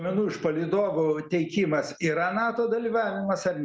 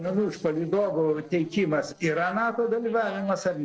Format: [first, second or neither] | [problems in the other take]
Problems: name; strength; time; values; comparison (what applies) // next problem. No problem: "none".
first | noise reduction (neural separator model SepFormer DNS4)